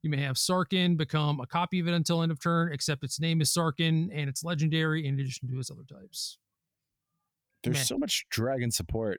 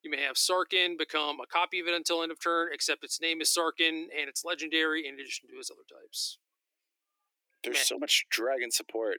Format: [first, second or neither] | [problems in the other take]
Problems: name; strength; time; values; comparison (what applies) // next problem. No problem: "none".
first | thin; very; fading below 300 Hz